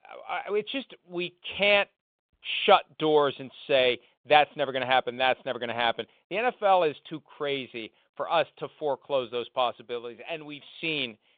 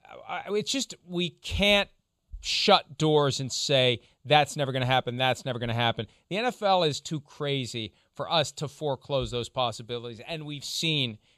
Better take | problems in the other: second | phone-call audio; nothing above 3.5 kHz

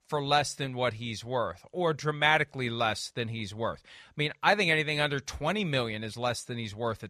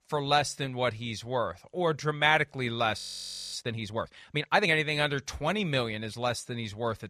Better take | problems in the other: first | audio freezing; at 3 s for 0.5 s

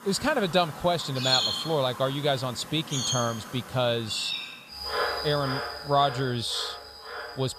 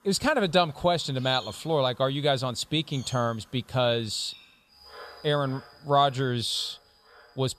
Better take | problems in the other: second | animal sounds; loud; throughout; 4 dB below the speech; faint in the second

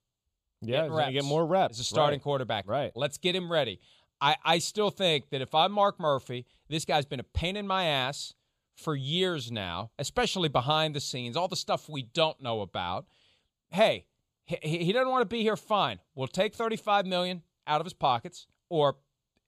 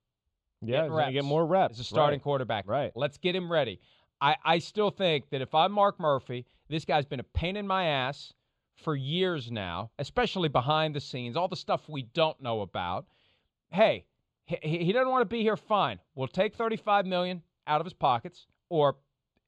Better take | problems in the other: first | muffled; slightly; fading above 3 kHz

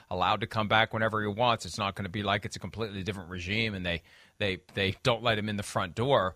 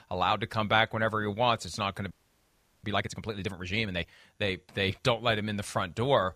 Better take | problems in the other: first | audio freezing; at 2 s for 0.5 s

